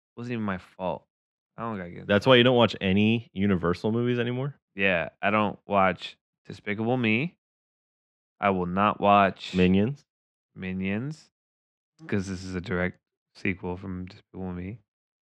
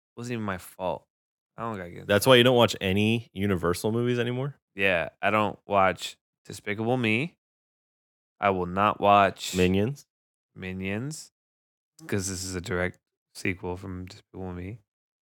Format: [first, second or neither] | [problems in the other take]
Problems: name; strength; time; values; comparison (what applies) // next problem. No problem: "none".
second | muffled; slightly; fading above 3 kHz